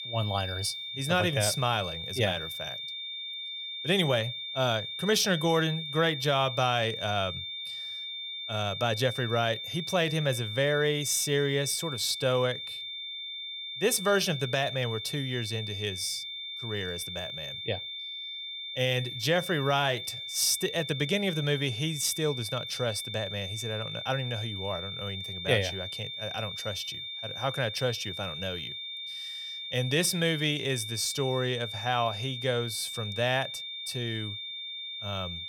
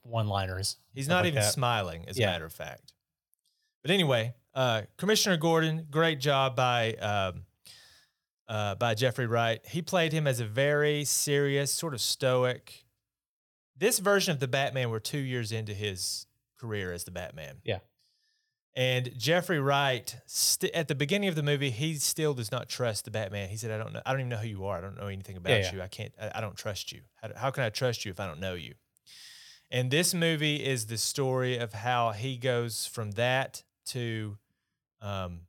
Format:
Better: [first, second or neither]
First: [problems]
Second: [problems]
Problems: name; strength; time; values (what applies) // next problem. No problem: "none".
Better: second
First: high-pitched whine; loud; throughout; 3.5 kHz, 6 dB below the speech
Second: none